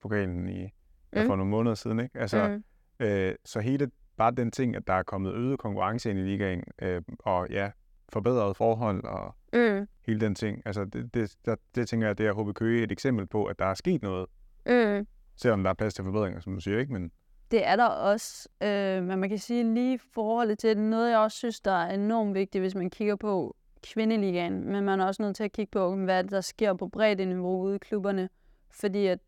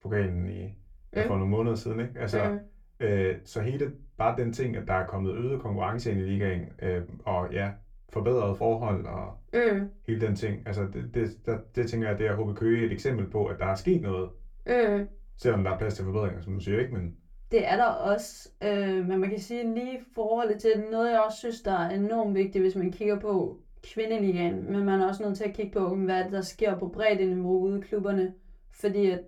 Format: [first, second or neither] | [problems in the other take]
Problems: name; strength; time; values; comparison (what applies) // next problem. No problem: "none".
first | off-mic speech; far // room echo; very slight; dies away in 0.2 s